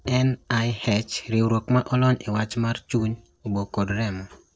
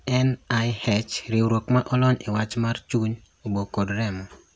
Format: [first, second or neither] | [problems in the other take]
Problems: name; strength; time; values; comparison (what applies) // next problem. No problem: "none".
second | noise reduction (neural separator model SepFormer DNS4)